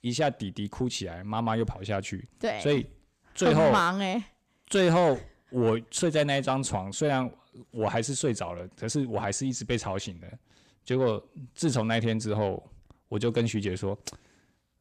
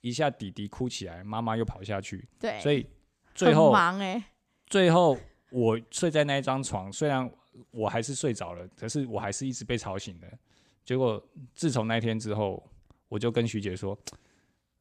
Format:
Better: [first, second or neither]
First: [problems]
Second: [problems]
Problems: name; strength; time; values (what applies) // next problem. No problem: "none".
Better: second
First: distortion; slight; 10 dB below the speech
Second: none